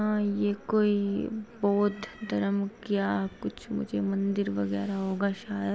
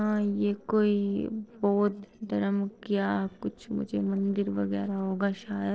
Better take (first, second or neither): first